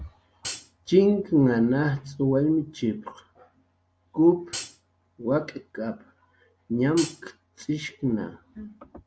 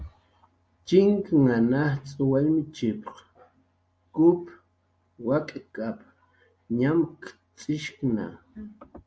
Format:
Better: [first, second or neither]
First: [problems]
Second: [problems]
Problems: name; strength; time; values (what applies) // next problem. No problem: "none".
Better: second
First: background sound (Hi-hat); 10 dB below the speech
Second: none